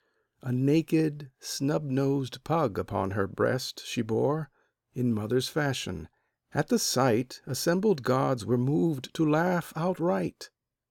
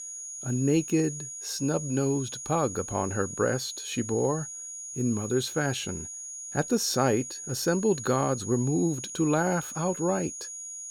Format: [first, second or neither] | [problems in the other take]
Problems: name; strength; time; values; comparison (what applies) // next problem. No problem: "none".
first | high-pitched whine; loud; throughout; 6.5 kHz, 8 dB below the speech